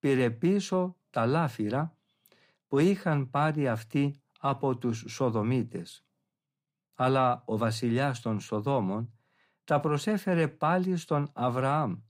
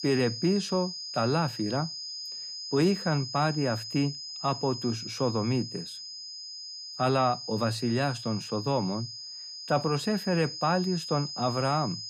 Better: first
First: none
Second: high-pitched whine; loud; throughout; 5 kHz, 8 dB below the speech

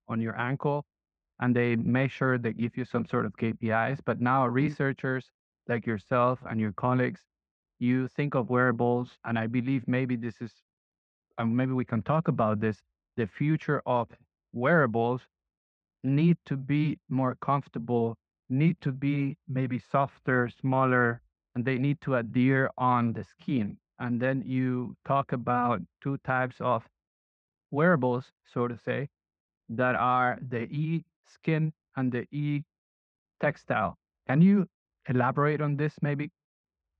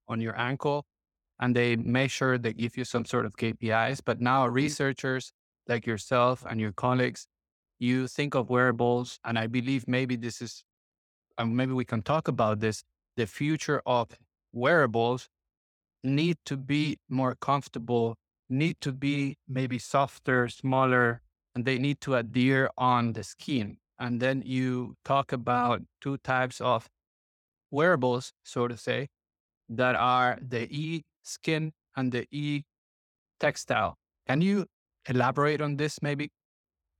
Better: second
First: muffled; very; fading above 2 kHz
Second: none

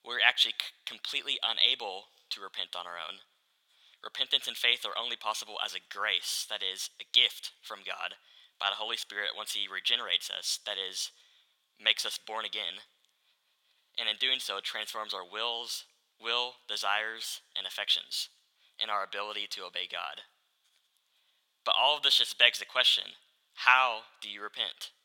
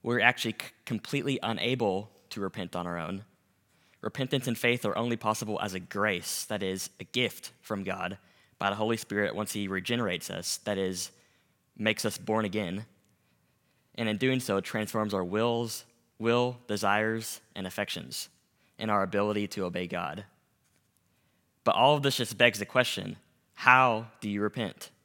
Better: second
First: thin; very; fading below 900 Hz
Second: none

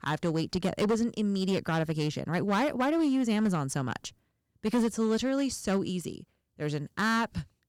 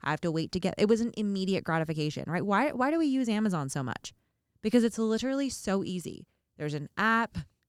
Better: second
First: distortion; slight; 7% of the sound clipped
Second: none

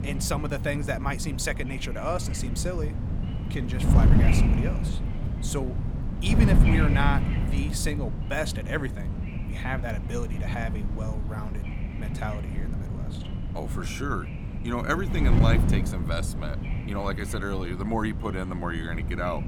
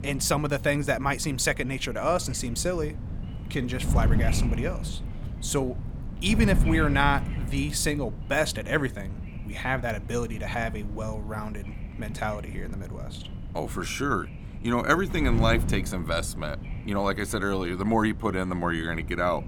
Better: second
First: wind noise on the microphone; heavy; 6 dB below the speech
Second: wind noise on the microphone; occasional gusts; 15 dB below the speech

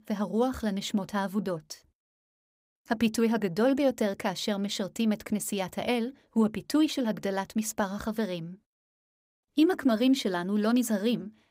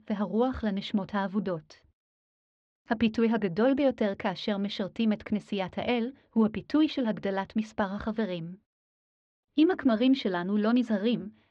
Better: first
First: none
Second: muffled; slightly; fading above 4 kHz

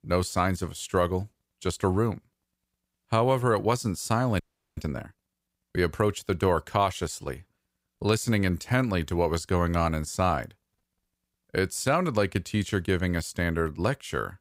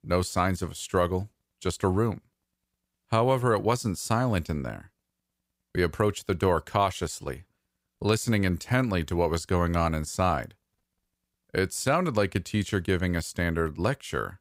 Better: second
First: audio freezing; at 4.5 s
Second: none

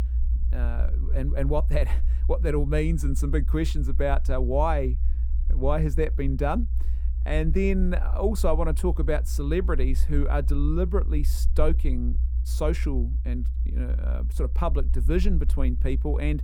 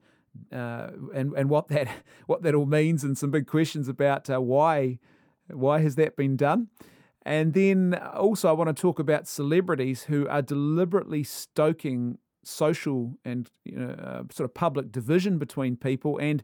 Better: second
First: low rumble; noticeable; throughout; 15 dB below the speech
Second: none

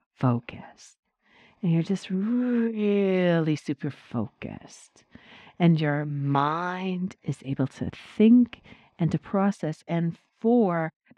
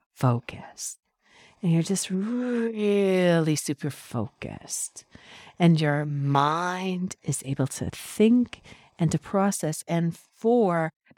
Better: second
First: muffled; slightly; fading above 3 kHz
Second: none

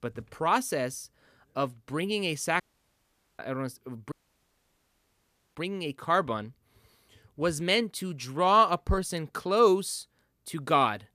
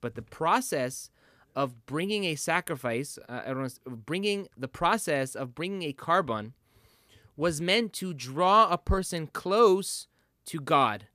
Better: second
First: audio cutting out; at 2.5 s for 1 s and at 4 s for 1.5 s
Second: none

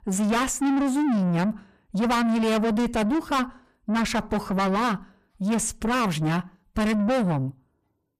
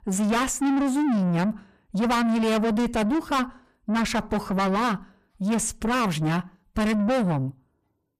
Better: neither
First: distortion; heavy; 7 dB below the speech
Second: distortion; heavy; 7 dB below the speech

